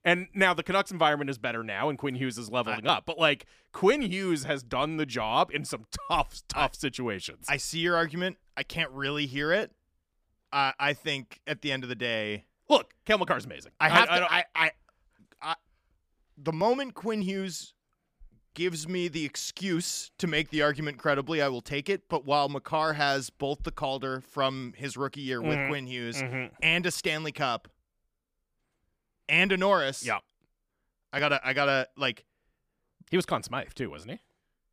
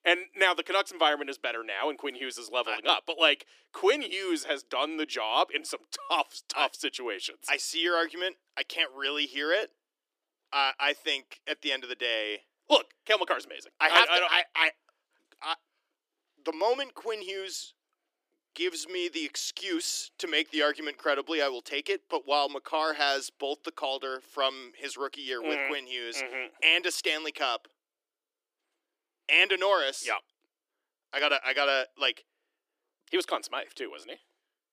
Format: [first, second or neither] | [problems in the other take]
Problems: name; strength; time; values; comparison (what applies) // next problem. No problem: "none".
first | thin; somewhat; fading below 300 Hz